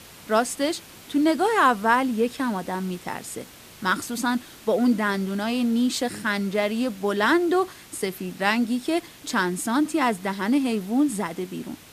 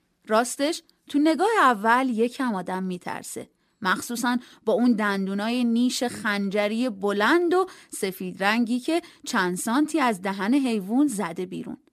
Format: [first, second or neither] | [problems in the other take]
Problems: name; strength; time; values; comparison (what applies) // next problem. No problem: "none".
second | hiss; faint; throughout; 20 dB below the speech